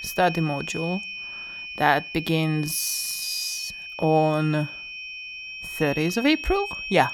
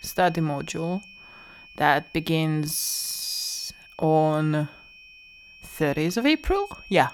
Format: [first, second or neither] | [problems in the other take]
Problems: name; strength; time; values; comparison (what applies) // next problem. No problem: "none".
second | high-pitched whine; loud; throughout; 2.5 kHz, 9 dB below the speech; faint in the second